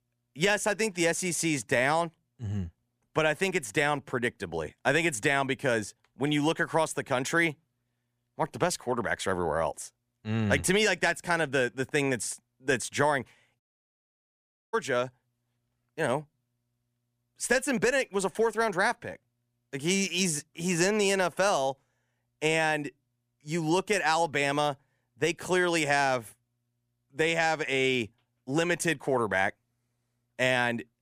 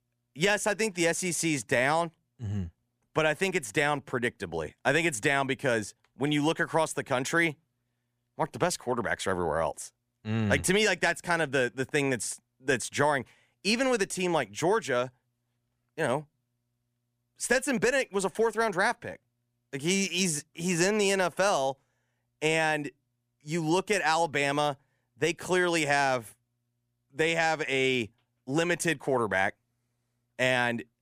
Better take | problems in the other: second | audio cutting out; at 14 s for 1 s

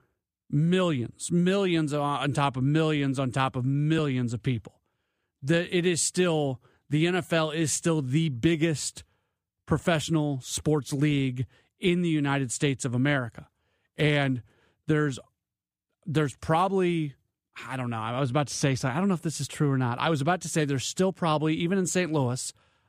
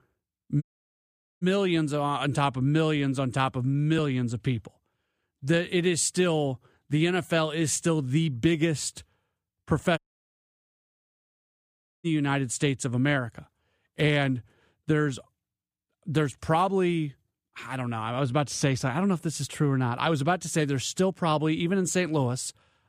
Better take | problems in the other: first | audio cutting out; at 0.5 s for 1 s and at 10 s for 2 s

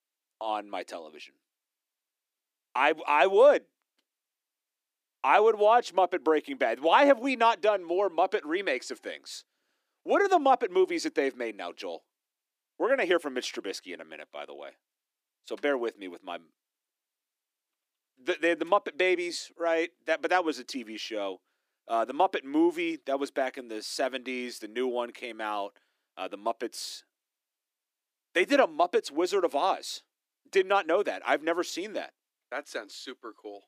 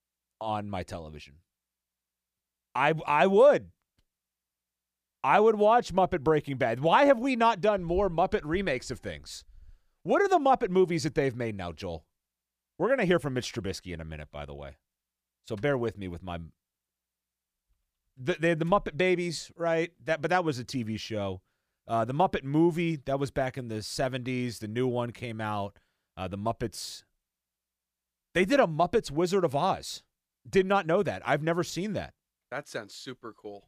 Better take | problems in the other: second | thin; very slightly; fading below 300 Hz

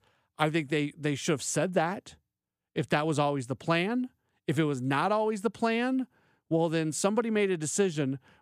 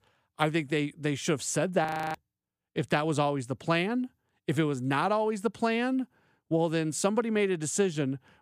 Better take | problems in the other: first | audio freezing; at 2 s

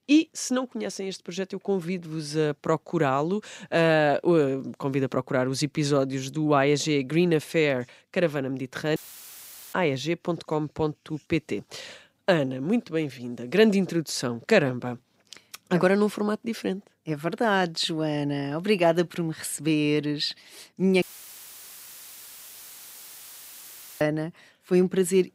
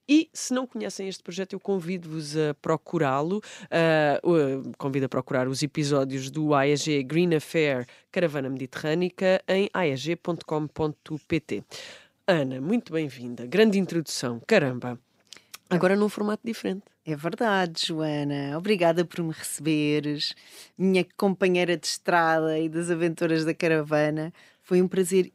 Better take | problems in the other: second | audio cutting out; filled with static; at 9 s for 1 s and at 21 s for 3 s

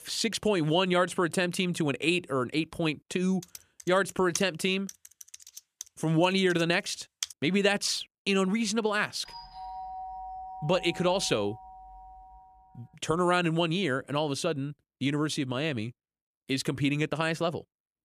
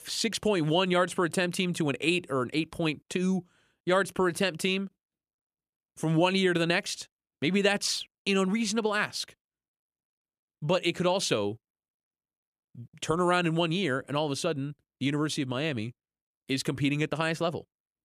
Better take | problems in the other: second | keyboard typing; noticeable; from 3.5 to 7.5 s; peak 8 dB below the speech // doorbell; faint; from 9.5 to 13 s; peak 10 dB below the speech

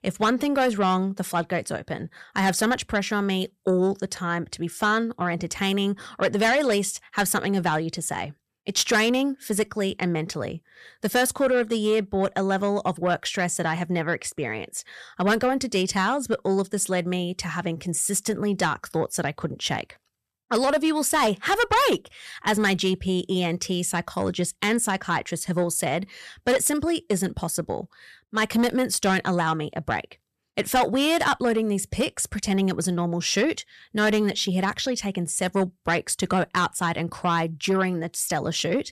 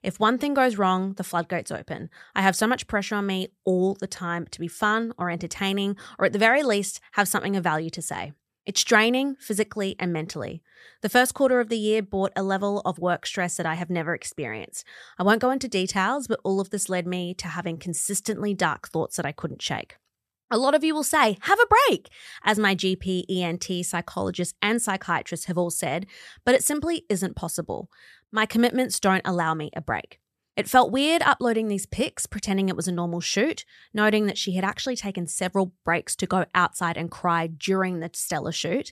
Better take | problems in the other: second | distortion; slight; 10 dB below the speech

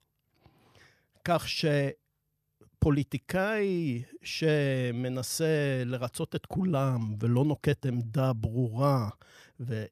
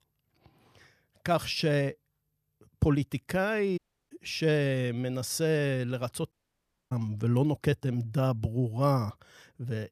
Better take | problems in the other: first | audio cutting out; at 4 s and at 6.5 s for 0.5 s

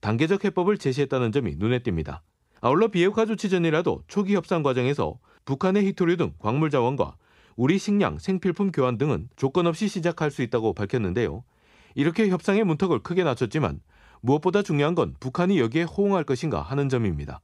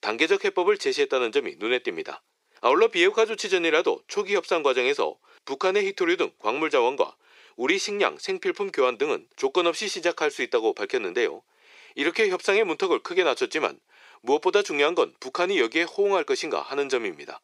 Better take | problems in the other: first | thin; very; fading below 400 Hz

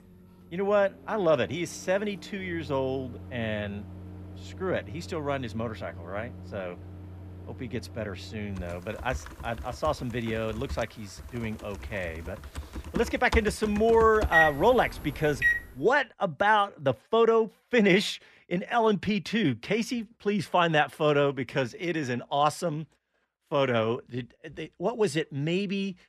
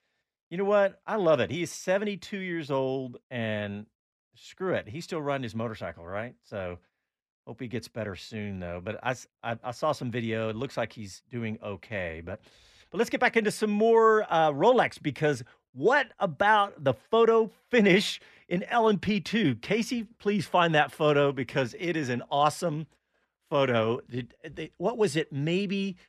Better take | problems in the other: second | household noises; loud; until 16 s; 7 dB below the speech

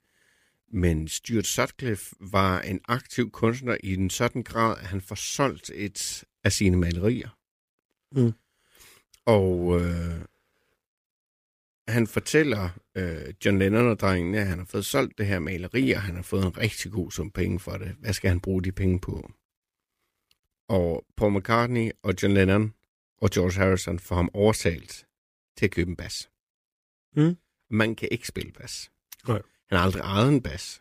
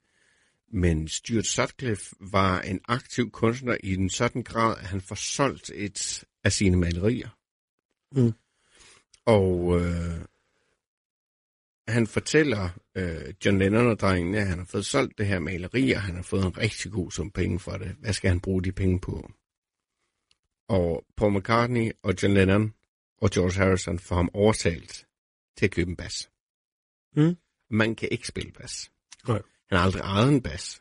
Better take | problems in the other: first | garbled, watery; slightly; nothing above 10.5 kHz

